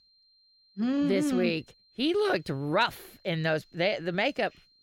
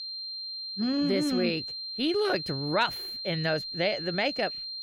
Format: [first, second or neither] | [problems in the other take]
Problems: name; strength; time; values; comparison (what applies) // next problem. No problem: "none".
first | high-pitched whine; loud; throughout; 4 kHz, 5 dB below the speech; faint in the first